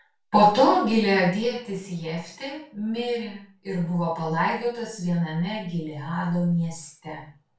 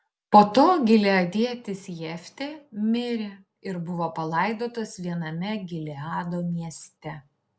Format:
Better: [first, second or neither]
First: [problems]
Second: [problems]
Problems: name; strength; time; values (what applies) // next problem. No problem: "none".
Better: second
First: room echo; dies away in 0.3 s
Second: none